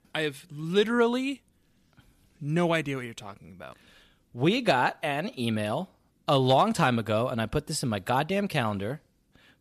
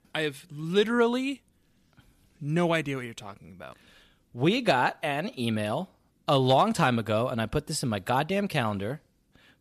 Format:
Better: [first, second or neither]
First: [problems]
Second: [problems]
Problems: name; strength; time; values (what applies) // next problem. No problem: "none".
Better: neither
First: none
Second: none